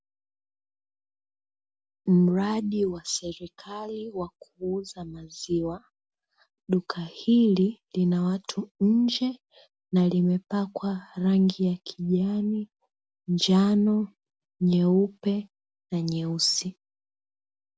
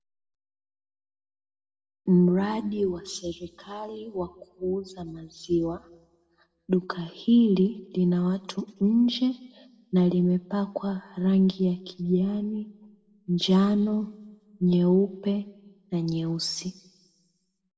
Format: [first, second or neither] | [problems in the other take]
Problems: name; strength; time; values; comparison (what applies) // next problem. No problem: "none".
first | room echo; dies away in 0.8 s